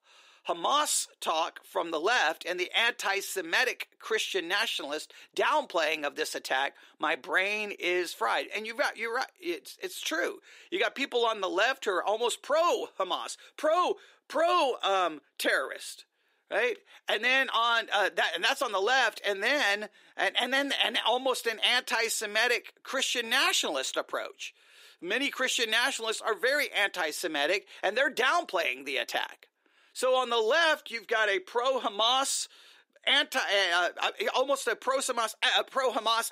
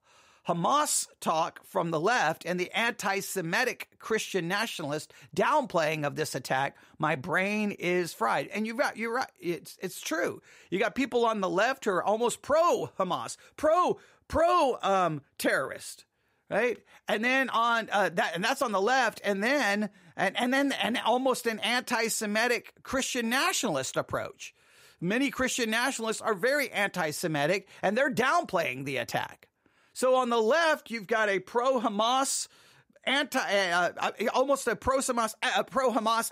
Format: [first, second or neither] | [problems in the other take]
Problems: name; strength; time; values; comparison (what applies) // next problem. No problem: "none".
second | thin; somewhat; fading below 350 Hz